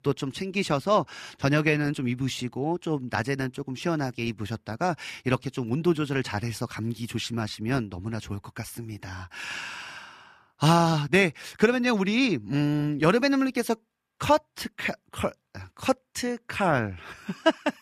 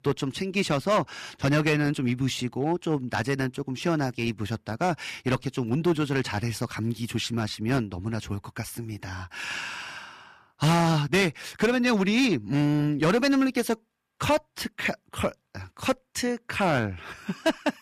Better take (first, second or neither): first